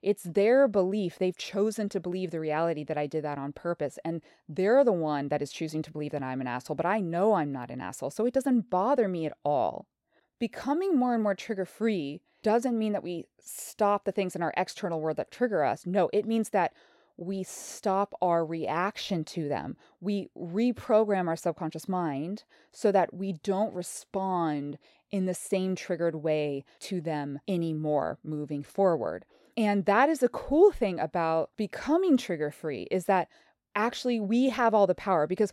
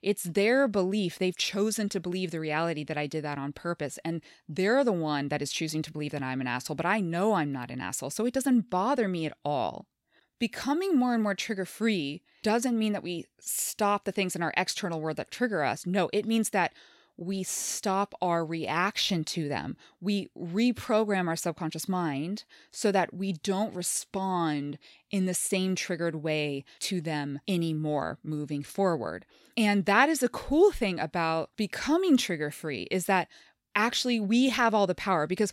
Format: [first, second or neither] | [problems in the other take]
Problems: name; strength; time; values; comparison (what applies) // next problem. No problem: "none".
second | muffled; slightly; fading above 2 kHz